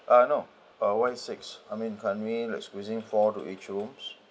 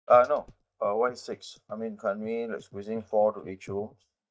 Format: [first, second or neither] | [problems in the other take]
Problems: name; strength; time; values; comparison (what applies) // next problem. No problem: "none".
first | noise reduction (neural mask model DeepFilterNet 3)